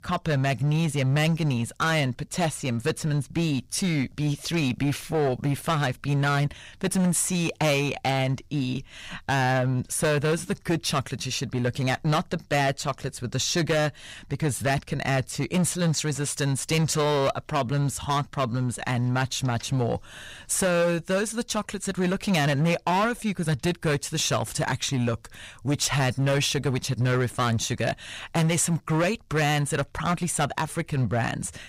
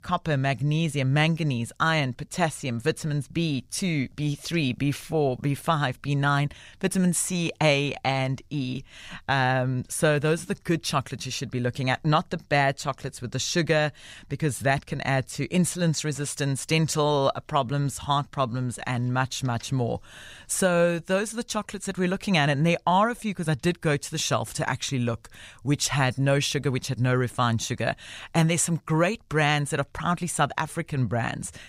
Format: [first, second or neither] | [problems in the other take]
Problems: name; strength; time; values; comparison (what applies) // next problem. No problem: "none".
second | distortion; slight; 11% of the sound clipped